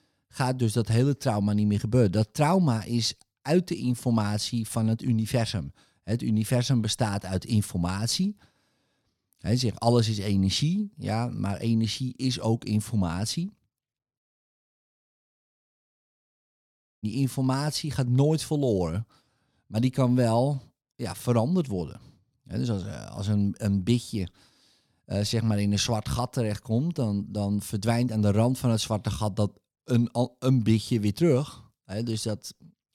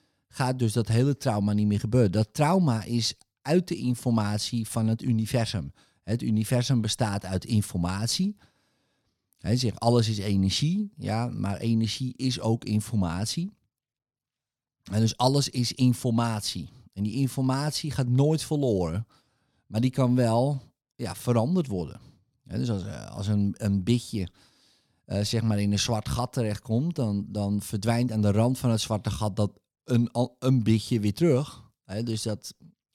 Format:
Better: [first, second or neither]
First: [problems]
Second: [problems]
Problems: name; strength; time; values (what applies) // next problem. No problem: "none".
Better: second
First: audio cutting out; at 14 s for 3 s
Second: none